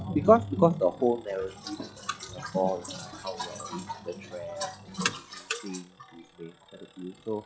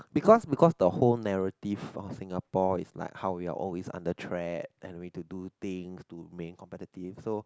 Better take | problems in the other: second | noise reduction (classical method log-MMSE)

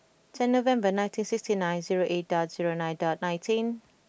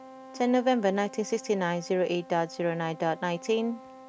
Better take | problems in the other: first | background sound (Wind instrument, woodwind instrument); 19 dB below the speech

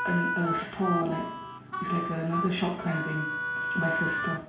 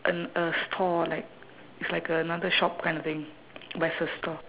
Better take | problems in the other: second | background sound (Harmonica); 2 dB below the speech // room echo; dies away in 0.6 s

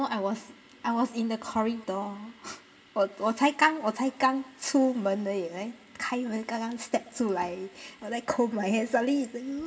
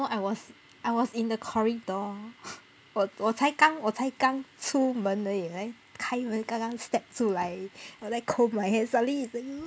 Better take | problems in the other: second | room echo; dies away in 1.5 s

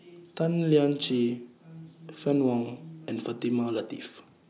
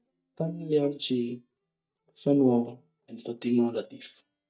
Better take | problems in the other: first | noise reduction (neural mask model DeepFilterNet 3)

